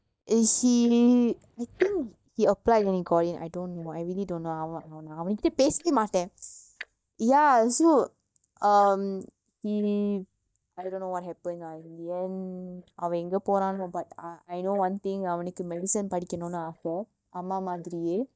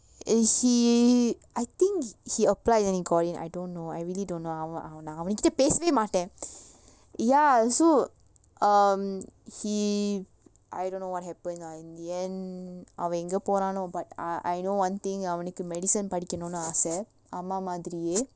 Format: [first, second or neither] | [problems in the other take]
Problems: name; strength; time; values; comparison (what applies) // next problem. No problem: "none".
second | noise reduction (neural mask model DeepFilterNet 3)